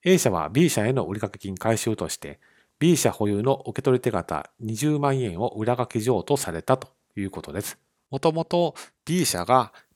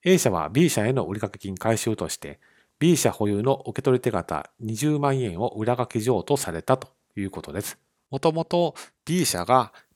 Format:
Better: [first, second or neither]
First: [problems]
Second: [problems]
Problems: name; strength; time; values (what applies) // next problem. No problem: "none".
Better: neither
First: none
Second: none